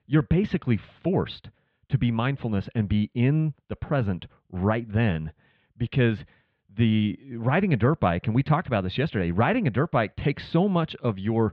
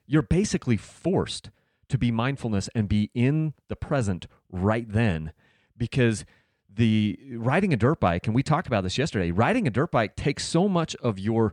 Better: second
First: muffled; very; fading above 3.5 kHz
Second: none

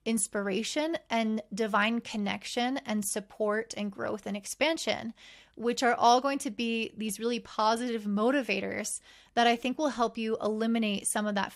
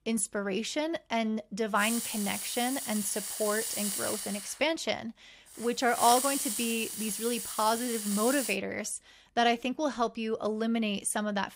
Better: first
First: none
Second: hiss; loud; from 2 to 8.5 s; 3 dB below the speech

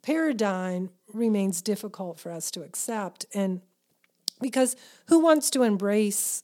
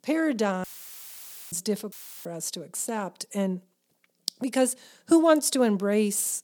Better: first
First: none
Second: audio cutting out; filled with static; at 0.5 s for 1 s and at 2 s

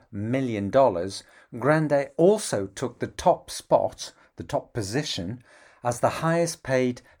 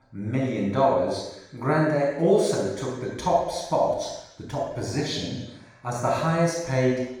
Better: first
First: none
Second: room echo; strong; dies away in 0.9 s // off-mic speech; far

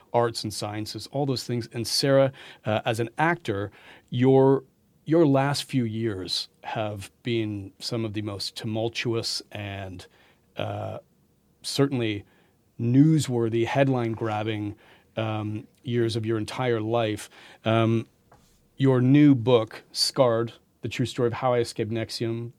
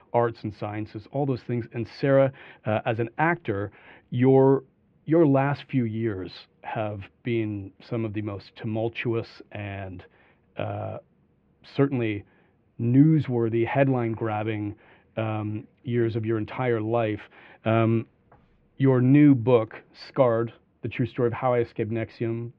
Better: first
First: none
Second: muffled; very; fading above 2.5 kHz

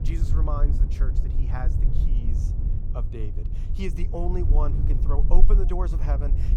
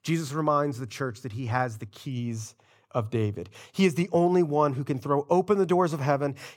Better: second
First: low rumble; loud; throughout; 7 dB below the speech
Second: none

